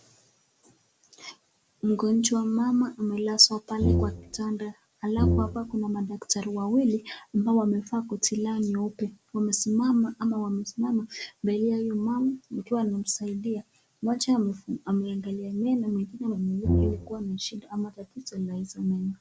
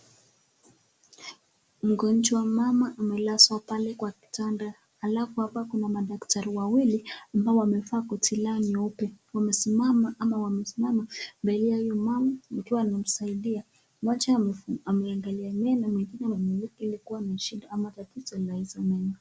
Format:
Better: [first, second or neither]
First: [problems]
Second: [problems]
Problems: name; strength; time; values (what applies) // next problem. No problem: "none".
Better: second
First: background sound (Brass instrument); 1 dB above the speech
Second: none